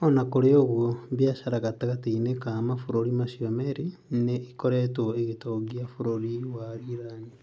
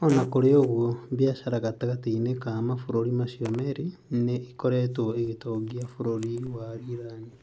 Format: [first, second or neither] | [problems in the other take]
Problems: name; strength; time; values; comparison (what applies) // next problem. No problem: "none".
first | background sound (Fart); 18 dB below the speech